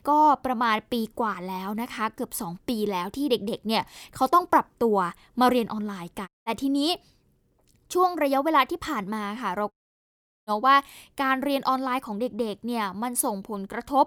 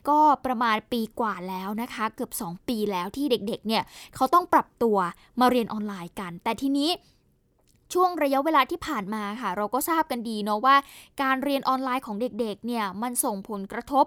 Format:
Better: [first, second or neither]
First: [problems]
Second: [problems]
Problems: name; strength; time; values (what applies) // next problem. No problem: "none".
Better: second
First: audio cutting out; at 6.5 s and at 9.5 s for 1 s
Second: none